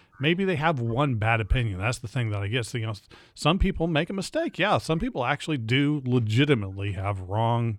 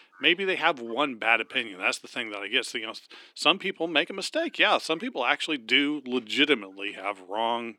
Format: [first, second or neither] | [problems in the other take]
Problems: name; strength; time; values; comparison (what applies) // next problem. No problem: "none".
first | thin; somewhat; fading below 250 Hz